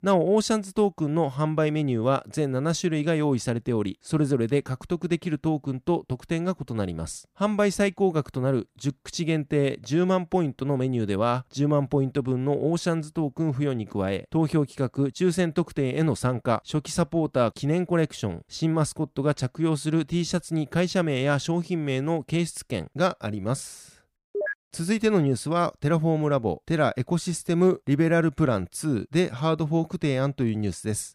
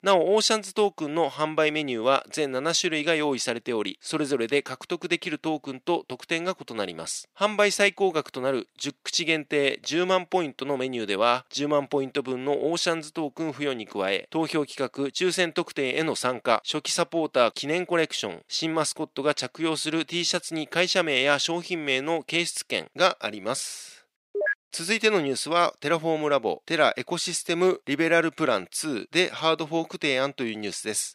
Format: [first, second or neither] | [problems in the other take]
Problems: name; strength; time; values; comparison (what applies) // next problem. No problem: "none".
first | thin; somewhat; fading below 400 Hz